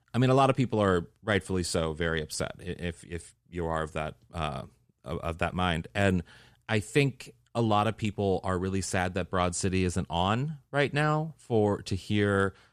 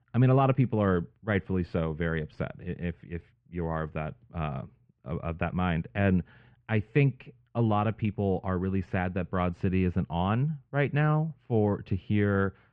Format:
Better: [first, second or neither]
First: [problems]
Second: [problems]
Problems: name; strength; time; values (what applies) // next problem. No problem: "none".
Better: first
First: none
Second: muffled; very; fading above 2.5 kHz